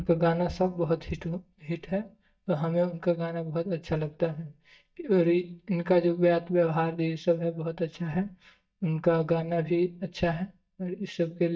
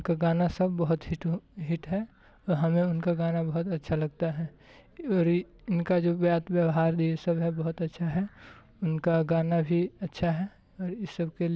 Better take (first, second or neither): second